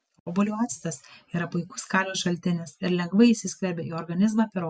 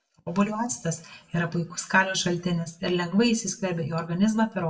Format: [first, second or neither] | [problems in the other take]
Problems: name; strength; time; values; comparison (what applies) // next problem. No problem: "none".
first | room echo; dies away in 0.4 s